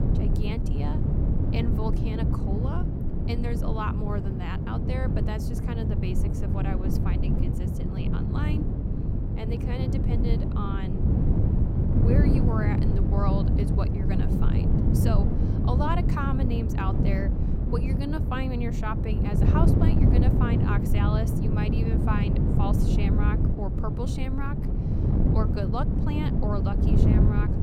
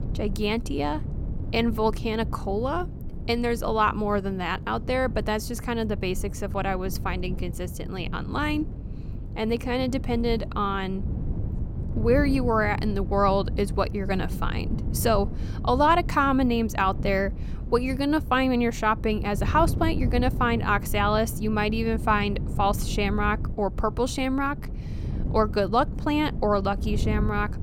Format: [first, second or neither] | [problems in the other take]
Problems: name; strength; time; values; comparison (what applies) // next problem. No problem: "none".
second | wind noise on the microphone; heavy; as loud as the speech; occasional gusts in the second